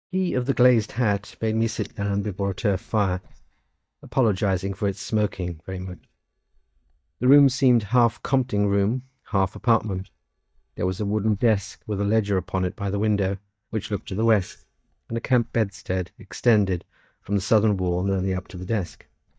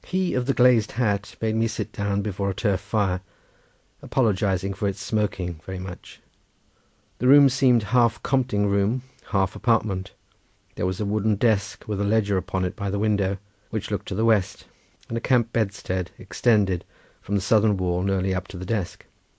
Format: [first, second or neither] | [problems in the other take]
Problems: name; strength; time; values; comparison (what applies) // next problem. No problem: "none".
second | noise reduction (neural mask model DeepFilterNet 3)